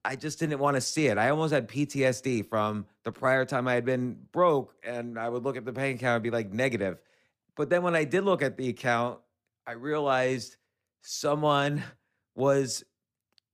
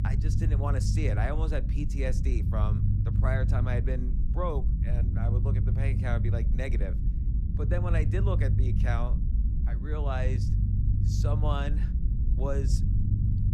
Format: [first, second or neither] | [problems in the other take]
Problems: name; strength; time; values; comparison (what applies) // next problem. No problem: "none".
first | low rumble; loud; throughout; 5 dB below the speech